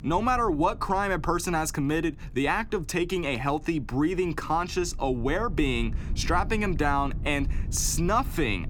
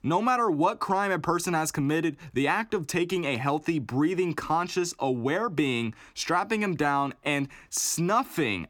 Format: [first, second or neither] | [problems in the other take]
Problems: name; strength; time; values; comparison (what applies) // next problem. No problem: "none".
second | low rumble; faint; throughout; 25 dB below the speech